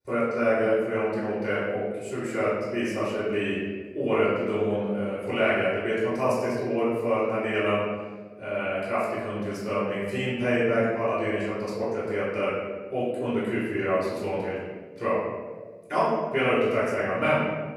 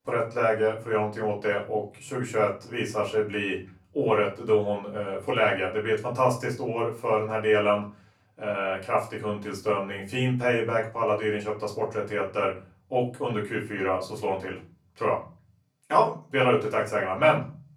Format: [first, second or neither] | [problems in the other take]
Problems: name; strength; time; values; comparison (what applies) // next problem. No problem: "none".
second | room echo; strong; dies away in 1.4 s; slight in the second // off-mic speech; far; far in the second